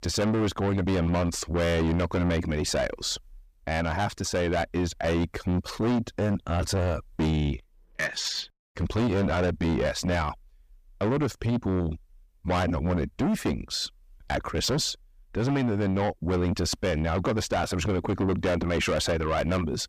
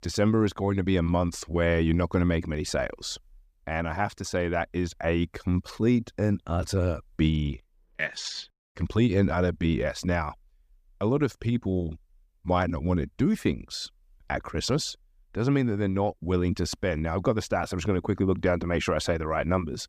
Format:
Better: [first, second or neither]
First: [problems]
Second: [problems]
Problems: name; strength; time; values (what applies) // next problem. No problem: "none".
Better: second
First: distortion; heavy; 6 dB below the speech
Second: none